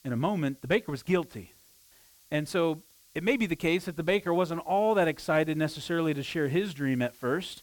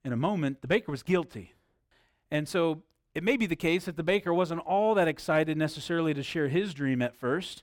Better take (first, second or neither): second